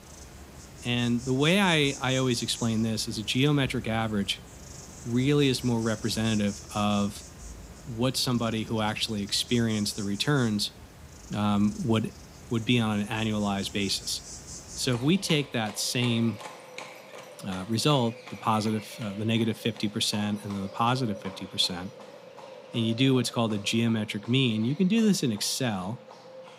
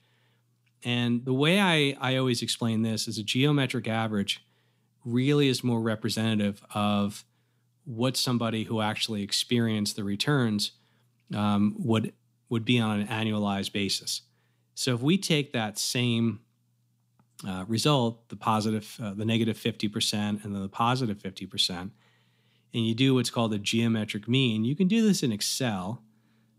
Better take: second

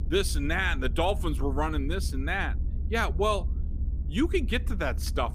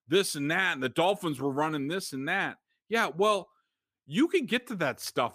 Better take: second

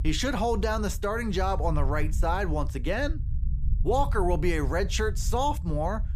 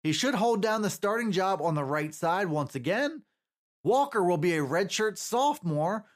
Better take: second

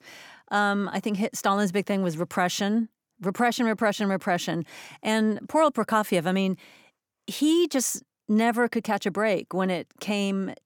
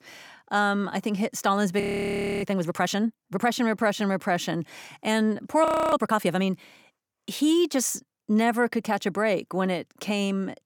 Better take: first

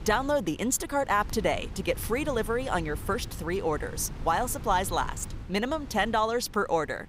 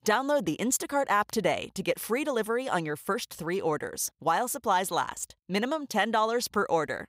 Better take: second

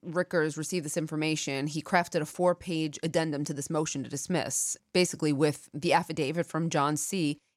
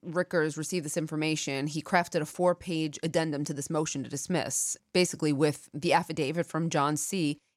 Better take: neither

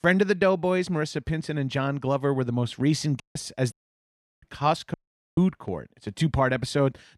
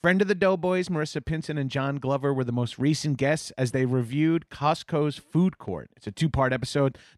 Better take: second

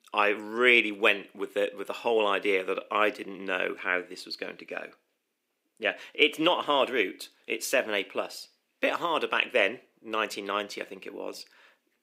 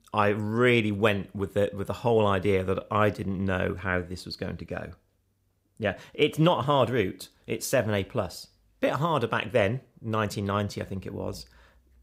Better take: second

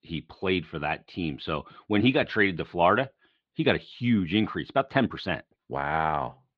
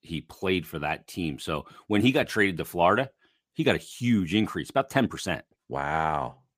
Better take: second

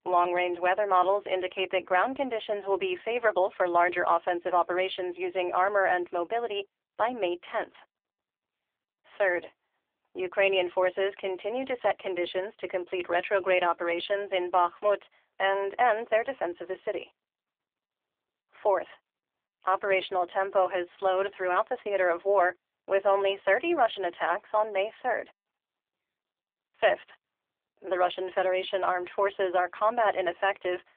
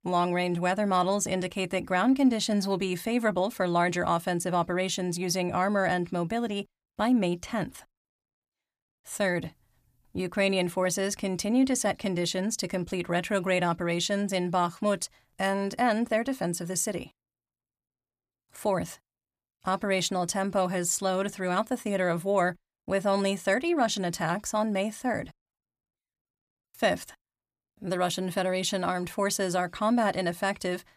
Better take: second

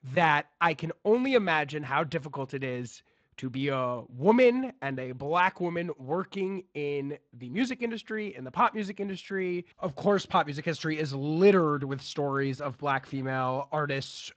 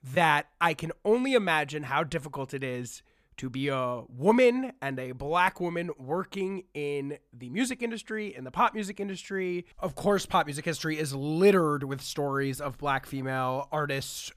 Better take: second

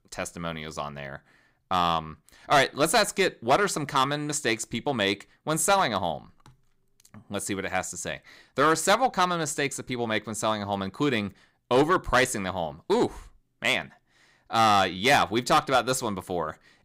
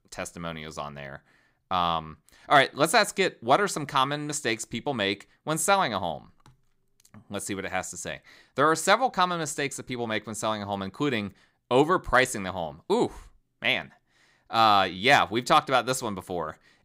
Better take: second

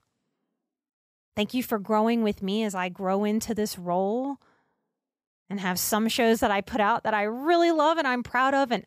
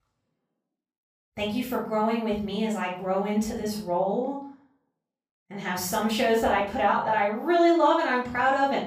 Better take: first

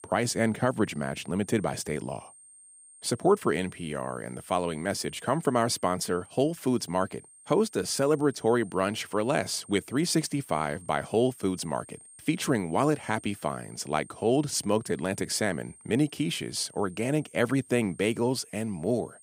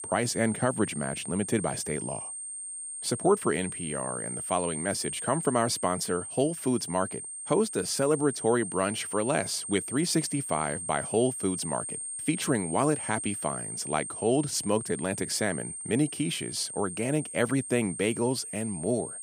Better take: first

